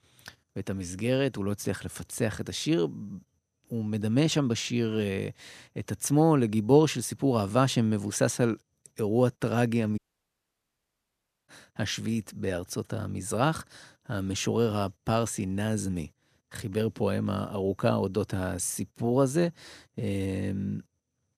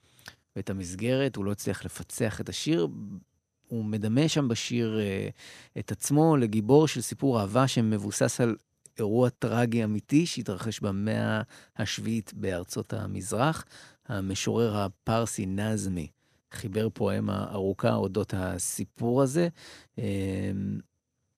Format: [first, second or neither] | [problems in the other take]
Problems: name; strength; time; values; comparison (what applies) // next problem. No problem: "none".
second | audio cutting out; at 10 s for 1.5 s